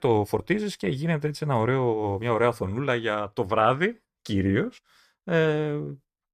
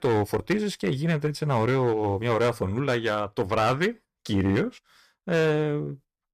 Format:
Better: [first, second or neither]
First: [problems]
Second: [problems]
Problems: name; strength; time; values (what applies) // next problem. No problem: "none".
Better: first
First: none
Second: distortion; slight; 7% of the sound clipped